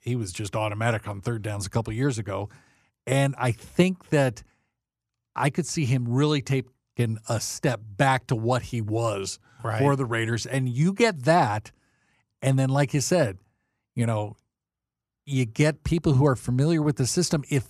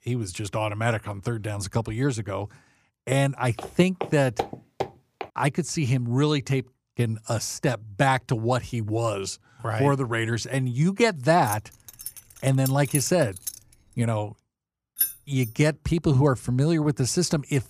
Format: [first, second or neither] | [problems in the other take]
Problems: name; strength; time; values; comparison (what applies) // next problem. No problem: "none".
first | footsteps; noticeable; from 3.5 to 5.5 s; peak 7 dB below the speech // jangling keys; noticeable; from 11 to 14 s and at 15 s; peak level with the speech